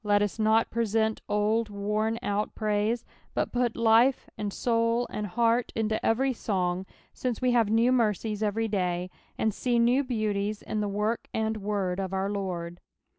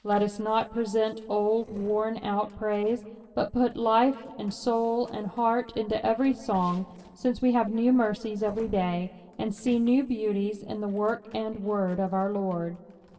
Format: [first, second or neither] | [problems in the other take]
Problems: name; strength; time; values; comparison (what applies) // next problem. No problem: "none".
first | noise reduction (neural separator model SepFormer DNS4)